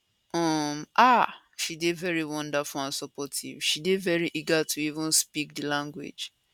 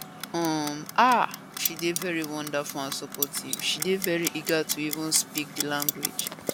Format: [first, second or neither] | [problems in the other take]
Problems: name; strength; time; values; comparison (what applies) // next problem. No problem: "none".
first | background sound (Clock + Cutlery, silverware); 6 dB below the speech